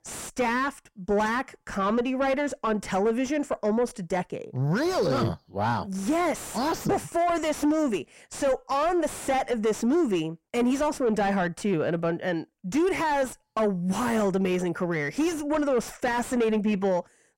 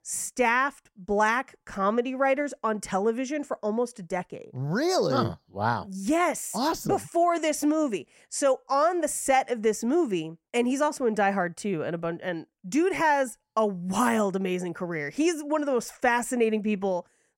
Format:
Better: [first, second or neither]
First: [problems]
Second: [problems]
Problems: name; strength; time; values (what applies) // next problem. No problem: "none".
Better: second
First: distortion; heavy; 7 dB below the speech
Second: none